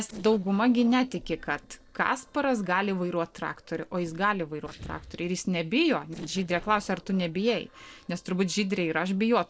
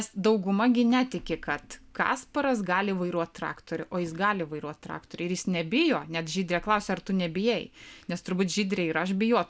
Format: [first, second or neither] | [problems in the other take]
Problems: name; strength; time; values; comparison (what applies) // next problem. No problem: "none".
second | noise reduction (neural separator model SepFormer DNS4)